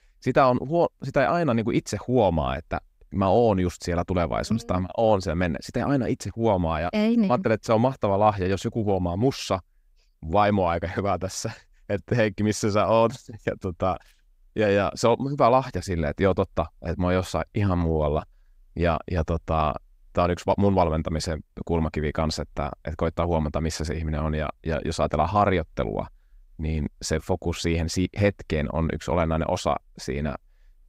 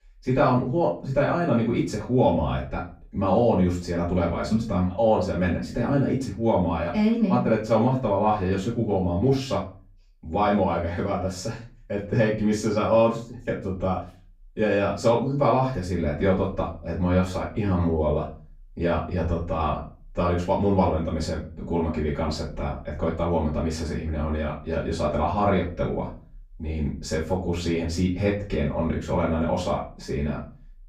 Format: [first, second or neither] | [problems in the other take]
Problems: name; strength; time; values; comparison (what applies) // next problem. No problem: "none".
first | off-mic speech; far // room echo; slight; dies away in 0.3 s